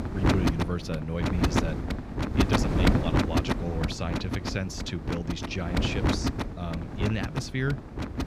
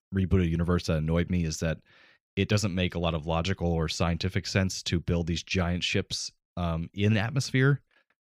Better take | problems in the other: second | wind noise on the microphone; heavy; 3 dB above the speech

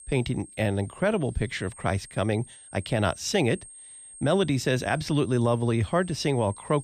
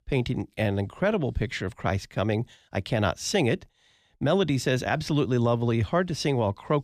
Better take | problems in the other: second | high-pitched whine; noticeable; throughout; 8.5 kHz, 20 dB below the speech

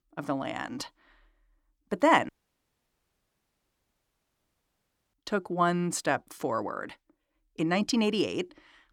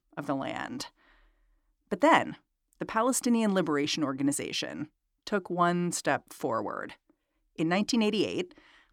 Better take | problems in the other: second | audio cutting out; at 2.5 s for 3 s

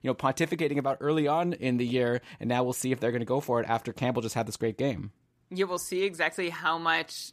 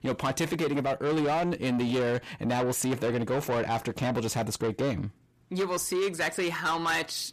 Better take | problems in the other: first | distortion; heavy; 8 dB below the speech

